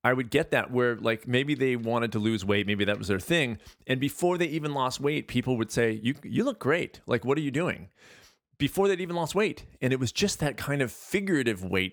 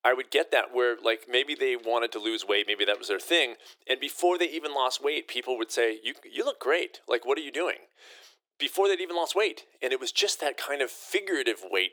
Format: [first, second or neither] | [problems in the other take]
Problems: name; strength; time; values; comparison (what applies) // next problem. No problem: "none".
first | thin; very; fading below 350 Hz